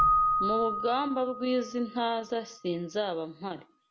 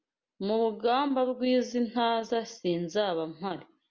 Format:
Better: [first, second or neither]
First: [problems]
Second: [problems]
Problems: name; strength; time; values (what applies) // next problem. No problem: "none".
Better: second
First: background sound (Keyboard (musical)); as loud as the speech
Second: none